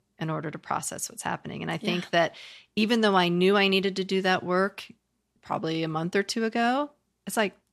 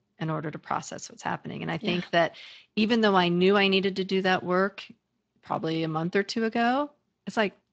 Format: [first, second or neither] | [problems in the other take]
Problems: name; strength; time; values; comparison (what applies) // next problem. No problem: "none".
first | garbled, watery; slightly; nothing above 7.5 kHz